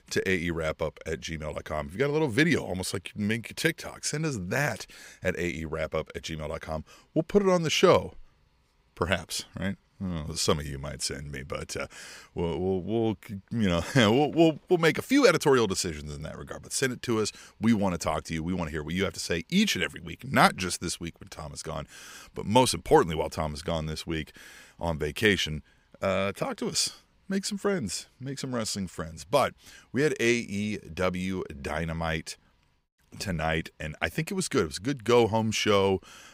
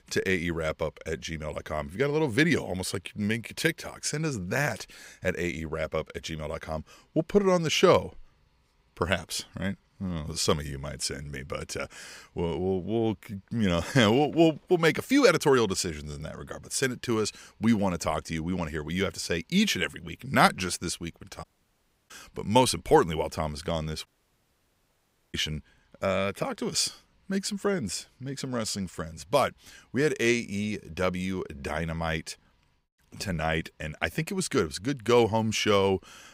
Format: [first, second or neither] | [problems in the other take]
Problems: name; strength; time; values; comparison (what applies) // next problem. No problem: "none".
first | audio cutting out; at 21 s for 0.5 s and at 24 s for 1.5 s